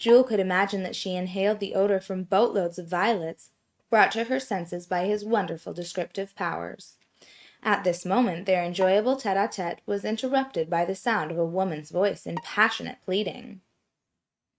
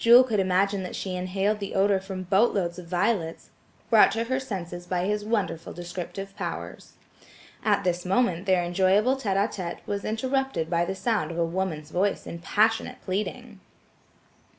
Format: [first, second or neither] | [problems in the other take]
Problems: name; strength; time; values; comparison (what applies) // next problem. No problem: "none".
second | noise reduction (neural mask model RNNoise)